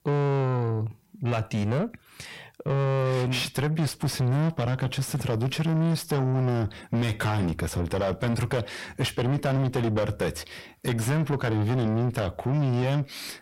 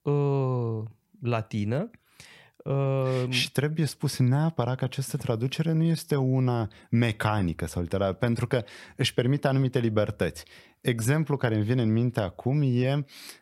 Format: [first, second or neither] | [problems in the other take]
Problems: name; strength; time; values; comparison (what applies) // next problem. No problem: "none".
second | distortion; heavy; 7 dB below the speech